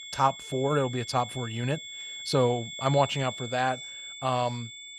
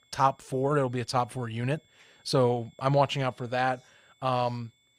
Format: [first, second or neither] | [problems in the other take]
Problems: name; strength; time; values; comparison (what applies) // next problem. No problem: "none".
second | high-pitched whine; loud; throughout; 3.5 kHz, 10 dB below the speech; faint in the second